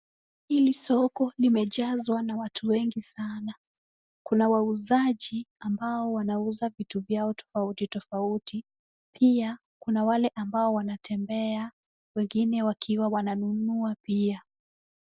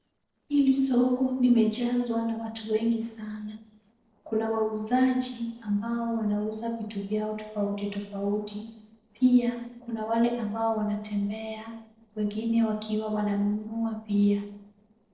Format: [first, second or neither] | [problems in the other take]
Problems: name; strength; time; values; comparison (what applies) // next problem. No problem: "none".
first | noise reduction (neural separator model SepFormer DNS4)